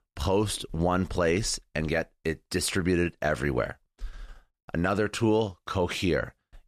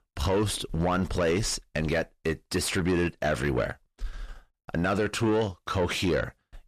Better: first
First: none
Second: distortion; slight; 10 dB below the speech

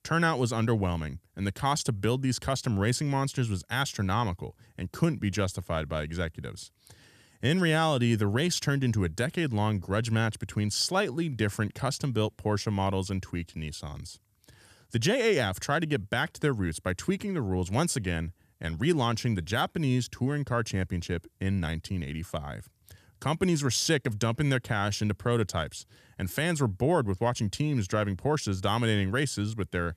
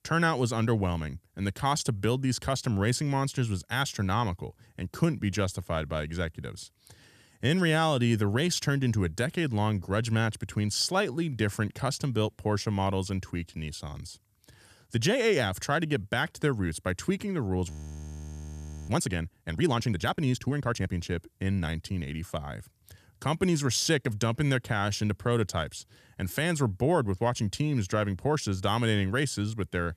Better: first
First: none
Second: audio freezing; at 18 s for 1 s

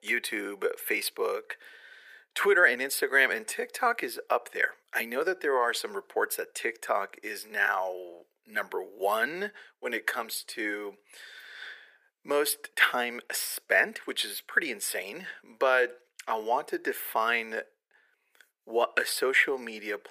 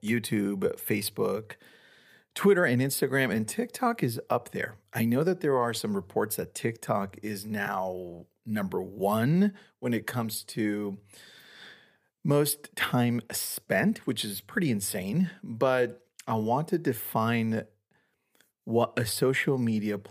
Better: second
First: thin; very; fading below 350 Hz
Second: none

